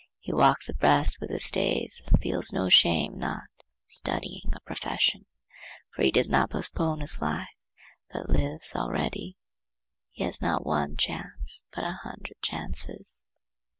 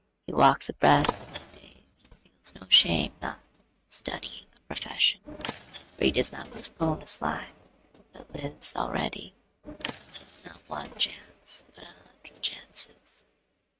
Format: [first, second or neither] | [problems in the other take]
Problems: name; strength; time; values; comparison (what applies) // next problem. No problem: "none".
first | noise reduction (neural mask model RNNoise)